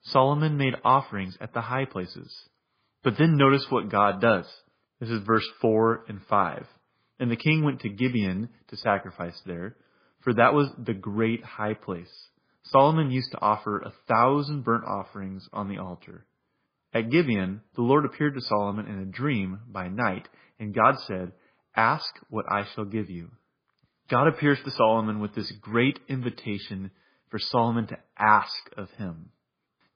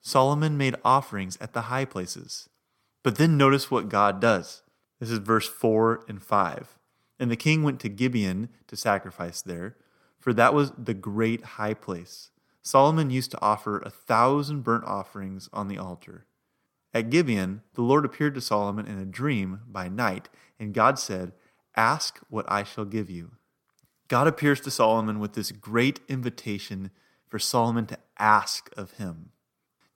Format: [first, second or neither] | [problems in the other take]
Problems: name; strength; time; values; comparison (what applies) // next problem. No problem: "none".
second | garbled, watery; badly; nothing above 5 kHz